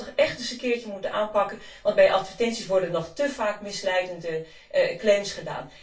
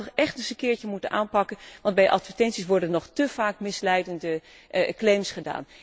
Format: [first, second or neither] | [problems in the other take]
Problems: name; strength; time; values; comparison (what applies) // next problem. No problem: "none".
second | room echo; dies away in 0.2 s